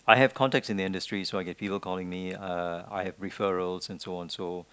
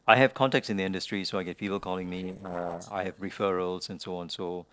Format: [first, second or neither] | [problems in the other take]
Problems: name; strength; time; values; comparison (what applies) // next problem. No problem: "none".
first | noise reduction (neural separator model SepFormer DNS4)